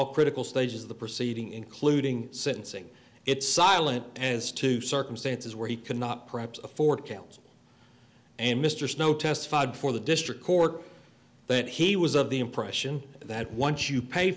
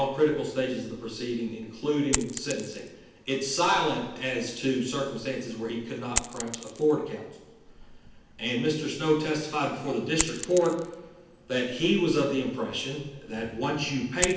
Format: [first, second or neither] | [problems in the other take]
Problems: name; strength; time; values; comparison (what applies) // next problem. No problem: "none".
first | background sound (Coin (dropping)); 10 dB below the speech // room echo; dies away in 0.9 s